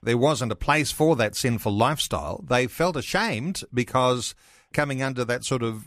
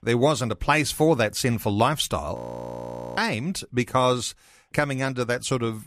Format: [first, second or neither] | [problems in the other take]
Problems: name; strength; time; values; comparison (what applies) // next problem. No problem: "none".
first | audio freezing; at 2.5 s for 1 s